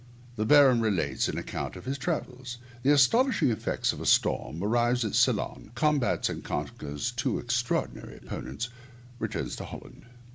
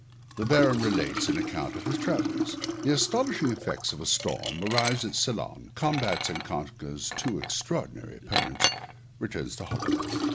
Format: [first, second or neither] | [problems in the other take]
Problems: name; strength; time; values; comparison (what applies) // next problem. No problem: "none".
first | background sound (Liquid); 3 dB below the speech